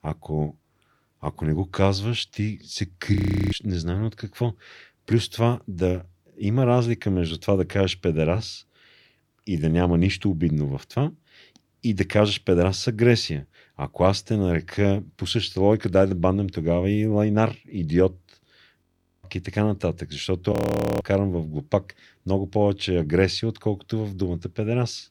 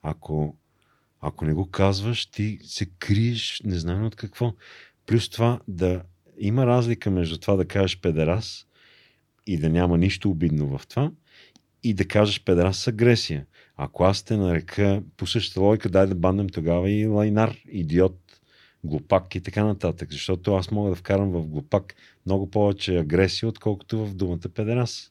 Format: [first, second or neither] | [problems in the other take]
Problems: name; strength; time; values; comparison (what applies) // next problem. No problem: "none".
second | audio freezing; at 3 s, at 19 s and at 21 s